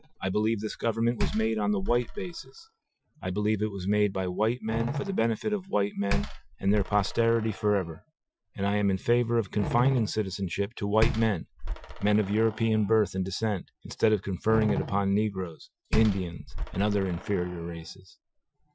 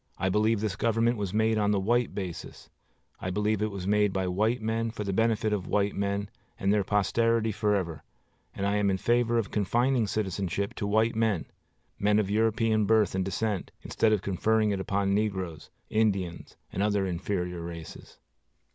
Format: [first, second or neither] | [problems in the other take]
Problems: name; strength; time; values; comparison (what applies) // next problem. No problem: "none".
second | noise reduction (classical method Wiener filter)